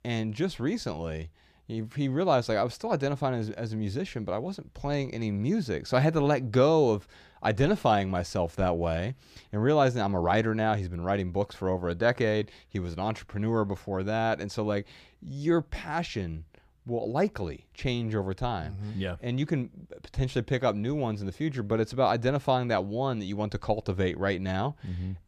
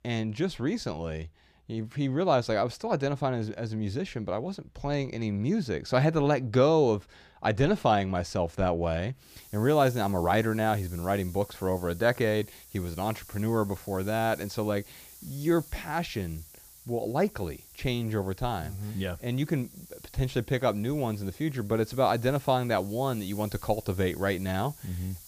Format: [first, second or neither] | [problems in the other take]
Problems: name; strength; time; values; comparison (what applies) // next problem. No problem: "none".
first | hiss; noticeable; from 9.5 s on; 20 dB below the speech